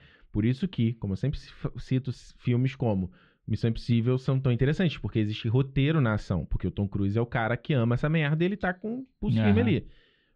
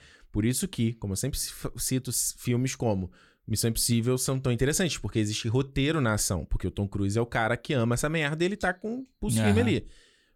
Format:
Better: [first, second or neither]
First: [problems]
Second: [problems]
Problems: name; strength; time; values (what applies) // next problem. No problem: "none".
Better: second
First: muffled; very; fading above 3 kHz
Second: none